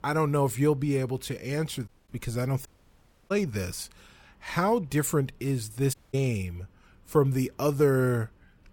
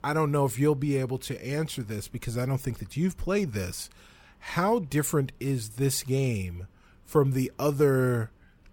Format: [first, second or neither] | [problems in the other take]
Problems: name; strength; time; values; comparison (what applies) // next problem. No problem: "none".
second | audio cutting out; at 2 s, at 2.5 s for 0.5 s and at 6 s